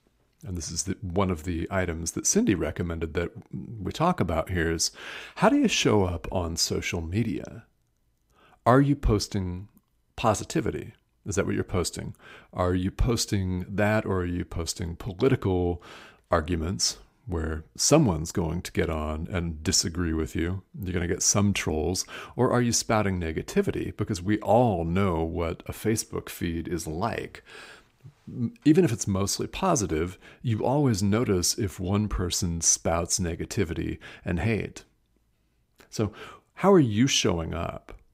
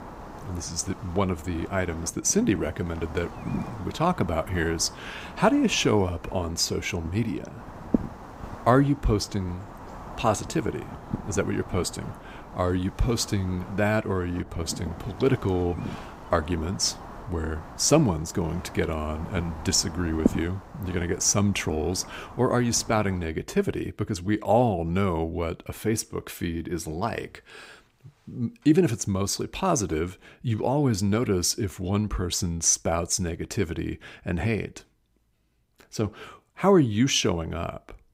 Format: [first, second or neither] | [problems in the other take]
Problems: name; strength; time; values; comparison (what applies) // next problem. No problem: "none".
first | wind noise on the microphone; occasional gusts; until 23 s; 15 dB below the speech